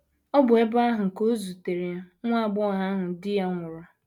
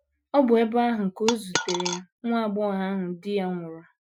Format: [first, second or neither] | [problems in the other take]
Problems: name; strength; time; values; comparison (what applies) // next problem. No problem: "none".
first | noise reduction (classical method Wiener filter)